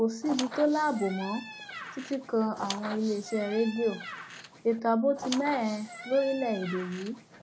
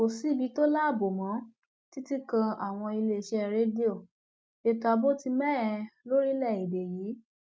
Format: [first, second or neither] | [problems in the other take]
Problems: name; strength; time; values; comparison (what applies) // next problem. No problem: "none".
second | background sound (Squeak); 12 dB below the speech